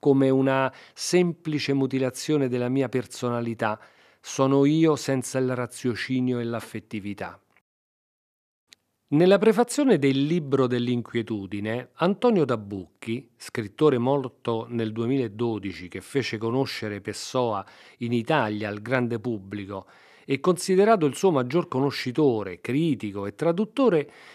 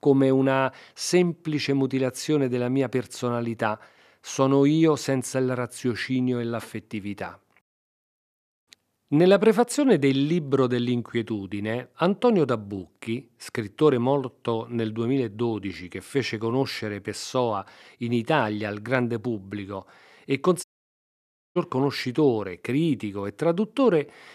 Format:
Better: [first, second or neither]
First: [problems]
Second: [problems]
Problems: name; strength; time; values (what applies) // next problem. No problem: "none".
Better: first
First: none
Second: audio cutting out; at 21 s for 1 s